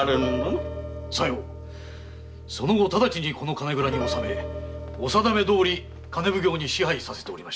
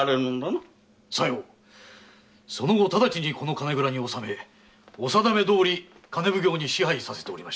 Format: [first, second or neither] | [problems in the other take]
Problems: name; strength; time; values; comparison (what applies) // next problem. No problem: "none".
second | background sound (Piano); 8 dB below the speech